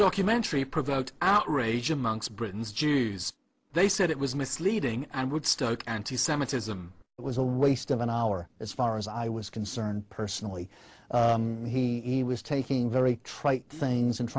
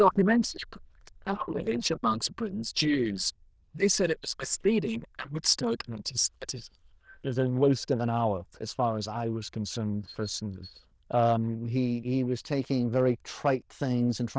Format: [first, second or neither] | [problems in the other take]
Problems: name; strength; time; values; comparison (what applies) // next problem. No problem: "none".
first | noise reduction (neural diffusion model UNIVERSE++)